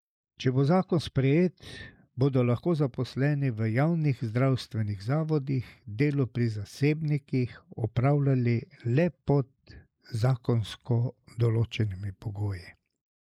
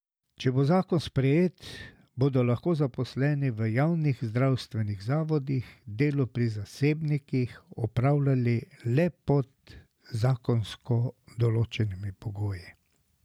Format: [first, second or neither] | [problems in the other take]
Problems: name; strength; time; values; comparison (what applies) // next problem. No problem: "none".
second | noise reduction (neural mask model Resemble Enhance denoiser)